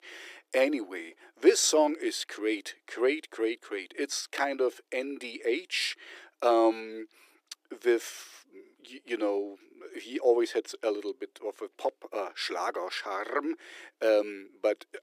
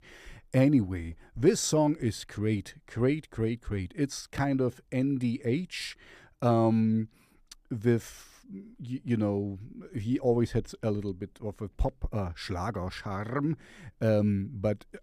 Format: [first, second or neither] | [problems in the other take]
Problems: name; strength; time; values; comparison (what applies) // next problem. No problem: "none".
second | thin; very; fading below 350 Hz